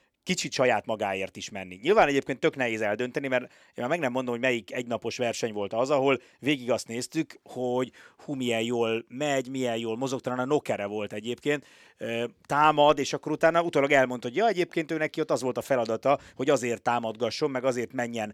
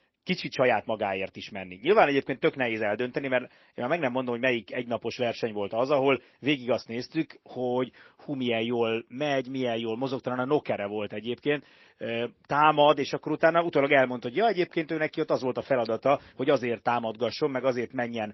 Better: first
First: none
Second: garbled, watery; slightly; nothing above 5.5 kHz

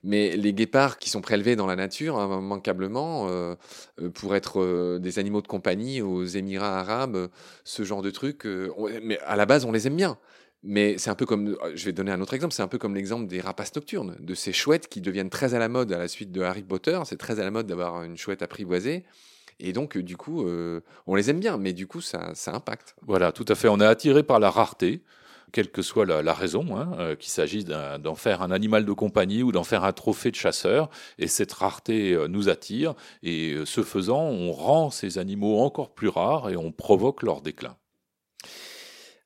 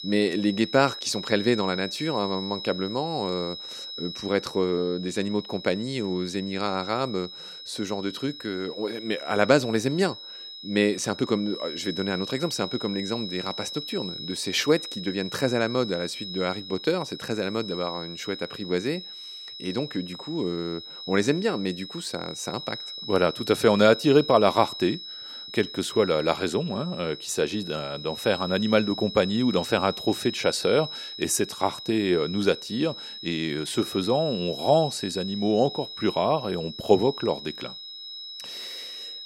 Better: first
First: none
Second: high-pitched whine; loud; throughout; 4 kHz, 10 dB below the speech

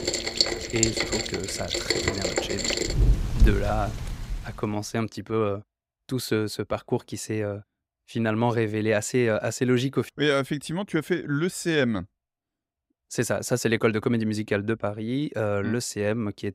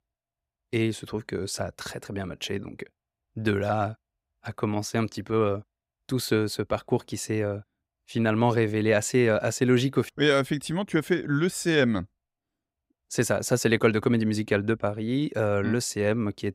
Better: second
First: rain or running water; very loud; until 4.5 s; 1 dB above the speech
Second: none

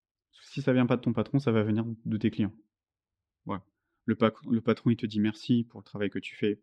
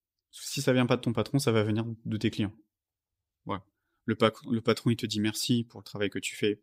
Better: second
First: muffled; slightly; fading above 2.5 kHz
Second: none

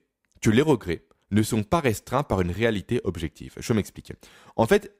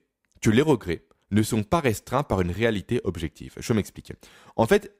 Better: neither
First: none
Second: none

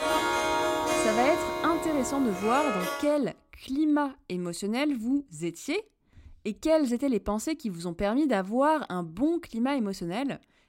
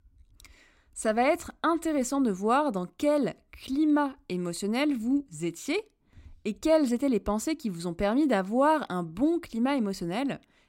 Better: second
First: background music; loud; until 3 s; 1 dB below the speech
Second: none

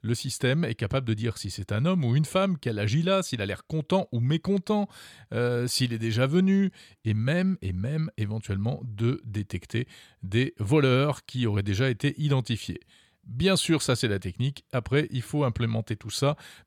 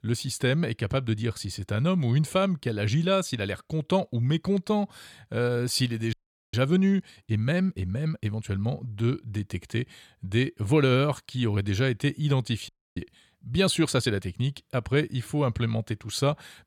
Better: first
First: none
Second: audio freezing; at 6 s and at 13 s

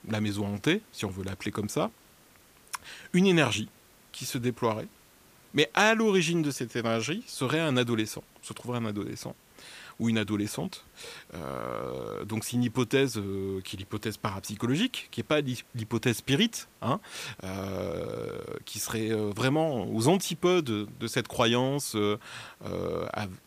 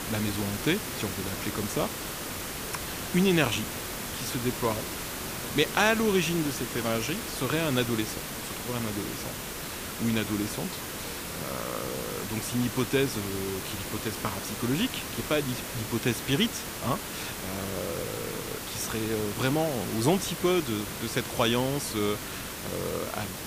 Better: first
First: hiss; faint; throughout; 30 dB below the speech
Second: hiss; loud; throughout; 4 dB below the speech

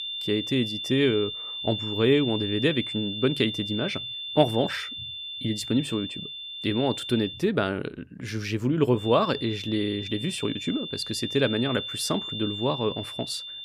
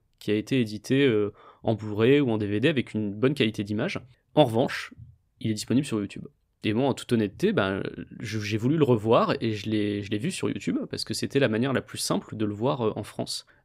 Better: second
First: high-pitched whine; loud; until 7.5 s and from 9 s on; 3.5 kHz, 6 dB below the speech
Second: none

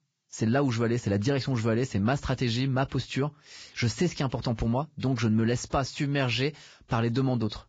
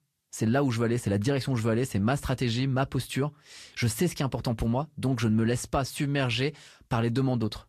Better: second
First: garbled, watery; badly; nothing above 7.5 kHz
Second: garbled, watery; slightly; nothing above 14 kHz

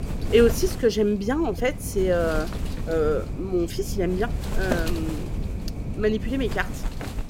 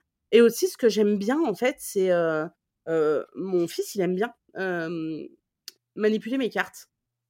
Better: second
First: wind noise on the microphone; occasional gusts; 10 dB below the speech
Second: none

